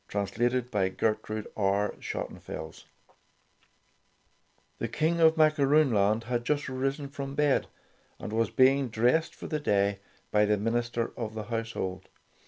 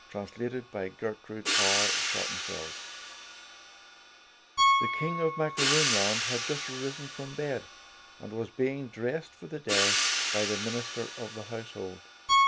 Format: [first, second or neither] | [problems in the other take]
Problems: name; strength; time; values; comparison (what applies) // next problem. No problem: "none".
first | background sound (Piano + Hi-hat); 4 dB above the speech